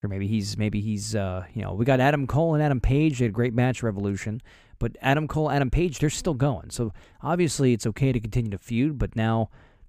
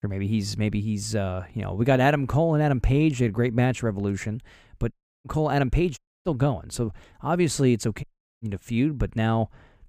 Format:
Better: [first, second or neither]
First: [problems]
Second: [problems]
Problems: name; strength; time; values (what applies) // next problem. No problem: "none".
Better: first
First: none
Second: audio cutting out; at 5 s, at 6 s and at 8 s